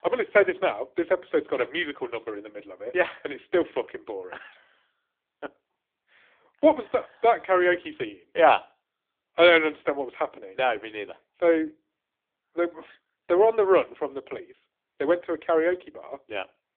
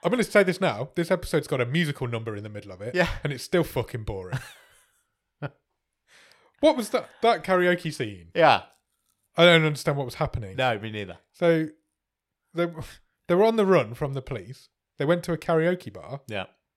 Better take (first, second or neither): second